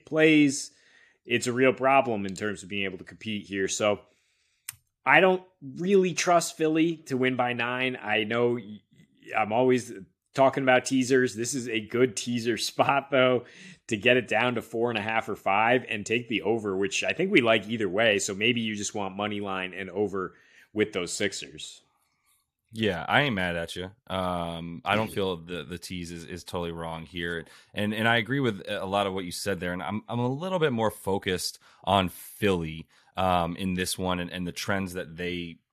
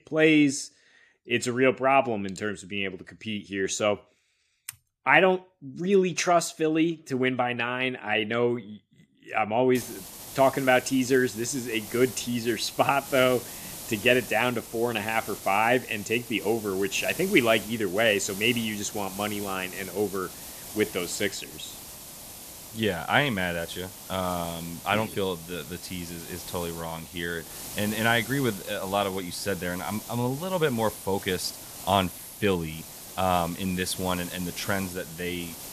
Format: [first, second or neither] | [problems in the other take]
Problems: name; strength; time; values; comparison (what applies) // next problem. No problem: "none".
first | hiss; noticeable; from 10 s on; 15 dB below the speech